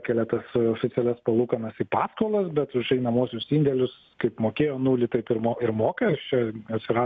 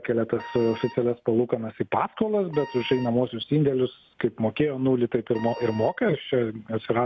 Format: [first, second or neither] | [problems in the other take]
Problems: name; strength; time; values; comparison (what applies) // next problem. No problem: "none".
first | background sound (Wind instrument, woodwind instrument); 18 dB below the speech